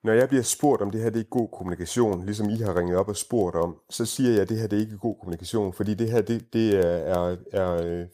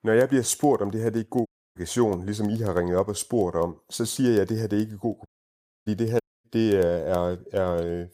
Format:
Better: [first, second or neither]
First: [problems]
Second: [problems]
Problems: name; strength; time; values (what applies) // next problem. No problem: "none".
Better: first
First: none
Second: audio cutting out; at 1.5 s, at 5.5 s for 0.5 s and at 6 s